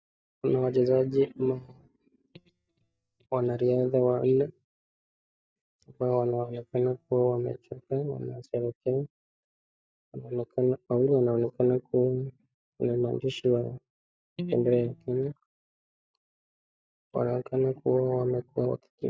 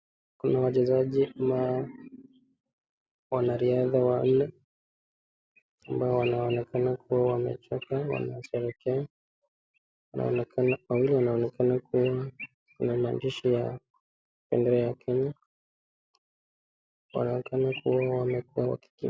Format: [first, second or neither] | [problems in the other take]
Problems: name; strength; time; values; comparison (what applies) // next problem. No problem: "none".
second | noise reduction (neural mask model DeepFilterNet 3)